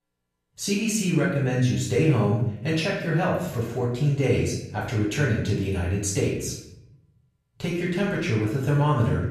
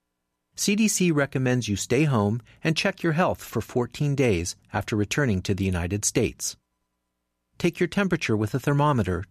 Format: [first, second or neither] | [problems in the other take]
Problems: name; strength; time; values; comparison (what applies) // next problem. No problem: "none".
second | off-mic speech; far // room echo; noticeable; dies away in 0.7 s